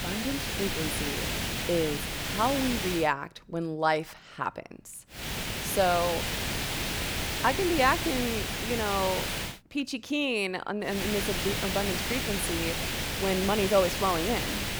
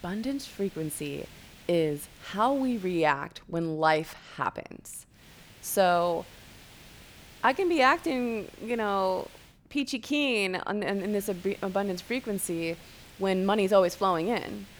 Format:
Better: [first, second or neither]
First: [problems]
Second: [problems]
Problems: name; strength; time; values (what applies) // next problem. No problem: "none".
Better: second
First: hiss; loud; until 3 s, from 5 to 9.5 s and from 11 s on; 1 dB below the speech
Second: hiss; faint; until 3 s, from 5 to 9.5 s and from 11 s on; 20 dB below the speech